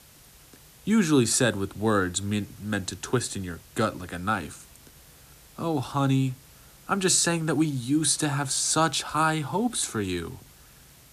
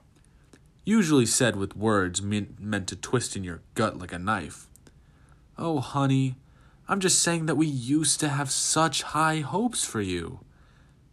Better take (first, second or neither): second